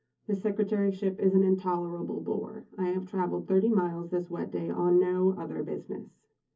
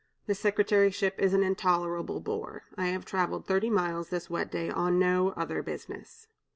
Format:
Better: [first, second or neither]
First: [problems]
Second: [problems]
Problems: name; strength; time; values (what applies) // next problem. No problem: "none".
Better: second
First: room echo; dies away in 0.3 s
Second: none